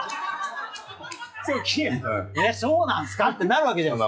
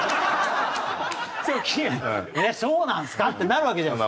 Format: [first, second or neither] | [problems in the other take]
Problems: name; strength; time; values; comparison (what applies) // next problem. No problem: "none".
second | noise reduction (classical method log-MMSE)